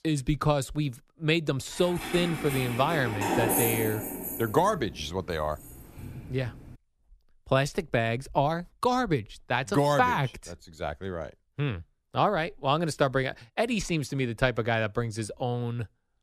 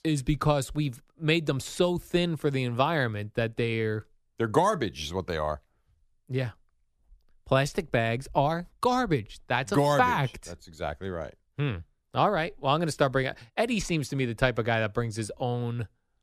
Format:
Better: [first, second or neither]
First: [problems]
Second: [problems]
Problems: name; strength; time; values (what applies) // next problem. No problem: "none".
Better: second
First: jangling keys; loud; from 2 to 6.5 s; peak 4 dB above the speech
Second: none